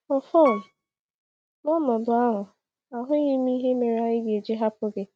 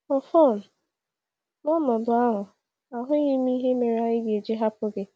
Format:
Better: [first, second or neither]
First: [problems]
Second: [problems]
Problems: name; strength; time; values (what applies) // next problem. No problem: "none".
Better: second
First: noise reduction (neural mask model RNNoise)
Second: none